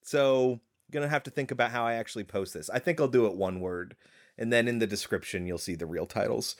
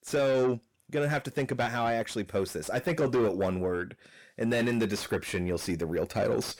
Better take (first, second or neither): first